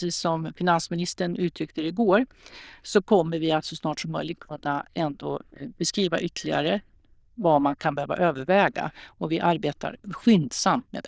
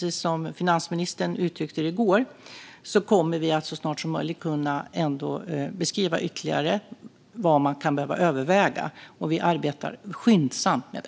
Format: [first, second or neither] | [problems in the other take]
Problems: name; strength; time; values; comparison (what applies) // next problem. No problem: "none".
second | noise reduction (neural diffusion model UNIVERSE++)